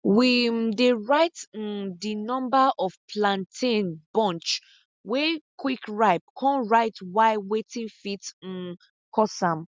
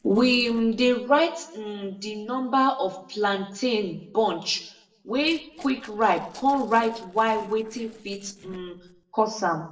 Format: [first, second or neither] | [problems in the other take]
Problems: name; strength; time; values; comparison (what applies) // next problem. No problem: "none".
first | noise reduction (neural separator model SepFormer DNS4)